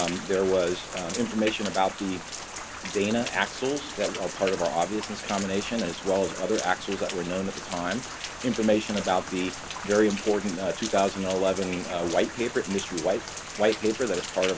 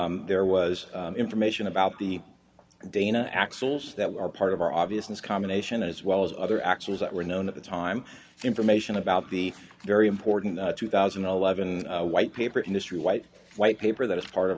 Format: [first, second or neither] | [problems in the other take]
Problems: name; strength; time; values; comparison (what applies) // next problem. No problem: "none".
second | background sound (Rain); 9 dB below the speech